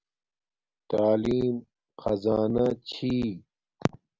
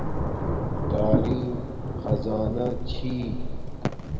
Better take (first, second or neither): first